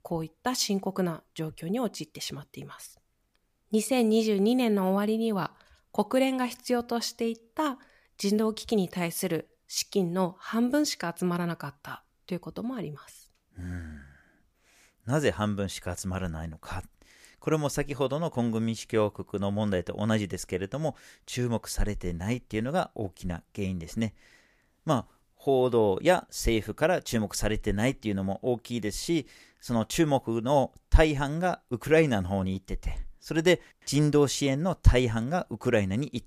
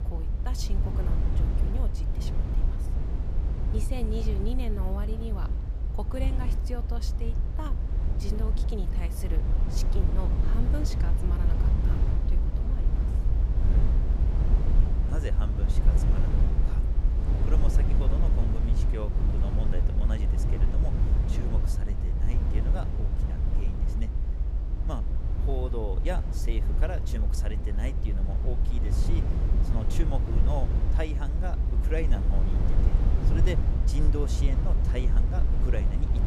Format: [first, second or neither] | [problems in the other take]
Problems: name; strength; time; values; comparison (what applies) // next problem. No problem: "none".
first | low rumble; loud; throughout; 2 dB below the speech